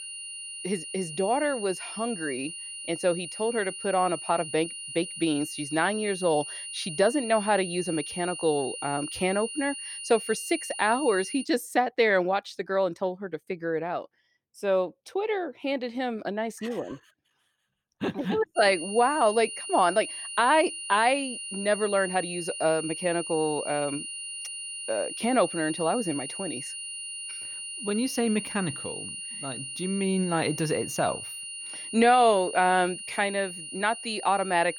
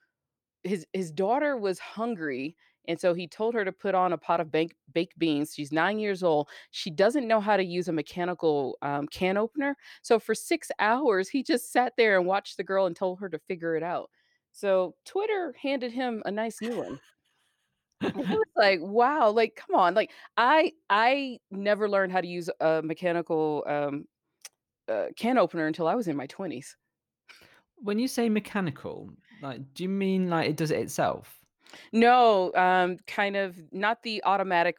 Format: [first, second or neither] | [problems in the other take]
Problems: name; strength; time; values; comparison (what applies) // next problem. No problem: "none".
second | high-pitched whine; loud; until 11 s and from 19 s on; 9.5 kHz, 8 dB below the speech